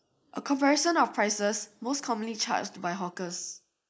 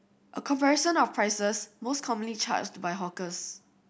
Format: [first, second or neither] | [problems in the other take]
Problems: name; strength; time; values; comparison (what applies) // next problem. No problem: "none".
second | noise reduction (neural mask model Resemble Enhance denoiser)